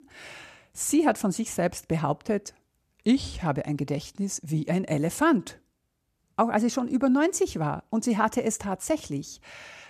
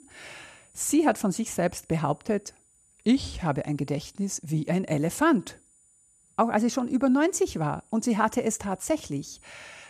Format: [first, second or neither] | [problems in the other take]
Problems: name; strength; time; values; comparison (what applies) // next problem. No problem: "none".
first | high-pitched whine; faint; throughout; 9 kHz, 30 dB below the speech